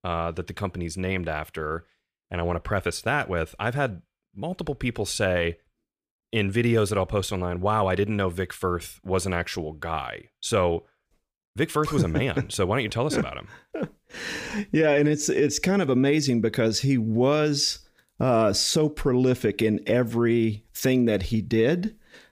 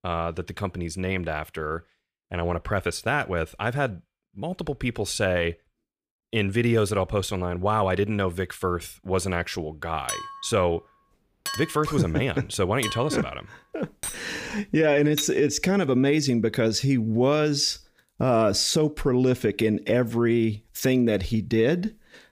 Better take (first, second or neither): first